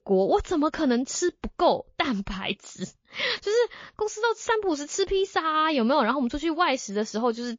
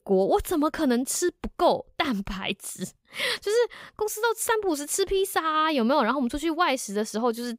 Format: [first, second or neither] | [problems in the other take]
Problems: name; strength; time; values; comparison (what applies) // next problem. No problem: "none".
second | garbled, watery; slightly